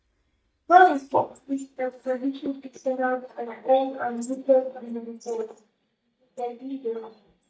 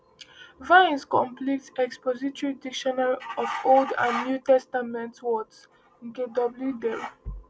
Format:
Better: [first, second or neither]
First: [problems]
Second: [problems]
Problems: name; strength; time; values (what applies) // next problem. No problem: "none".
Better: second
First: noise reduction (neural mask model DeepFilterNet 3)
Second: none